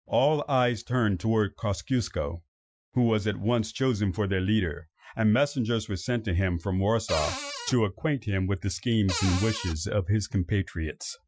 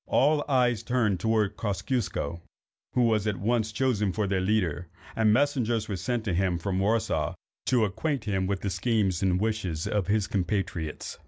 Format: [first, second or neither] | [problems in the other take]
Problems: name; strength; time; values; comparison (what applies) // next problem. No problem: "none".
second | noise reduction (classical method Wiener filter)